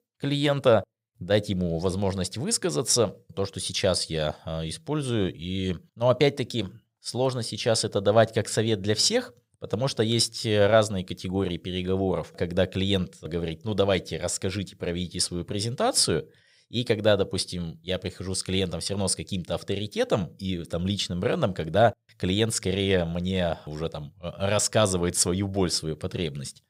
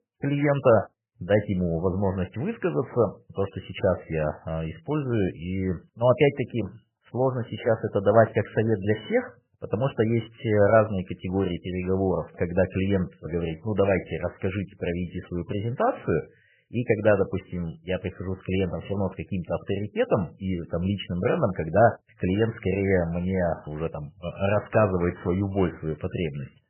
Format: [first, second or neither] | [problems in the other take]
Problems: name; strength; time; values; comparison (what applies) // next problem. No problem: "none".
first | garbled, watery; badly; nothing above 3 kHz